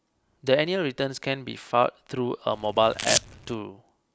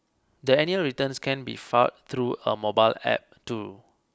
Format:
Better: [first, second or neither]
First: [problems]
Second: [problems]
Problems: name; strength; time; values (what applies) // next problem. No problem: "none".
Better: second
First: background sound (Domestic sounds, home sounds); 3 dB below the speech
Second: none